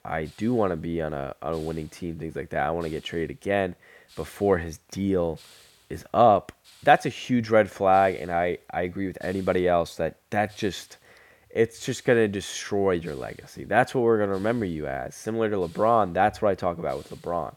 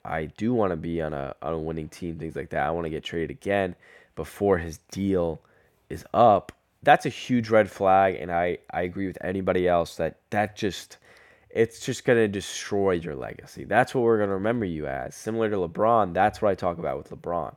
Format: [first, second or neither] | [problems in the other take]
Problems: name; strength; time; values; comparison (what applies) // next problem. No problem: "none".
second | hiss; faint; throughout; 30 dB below the speech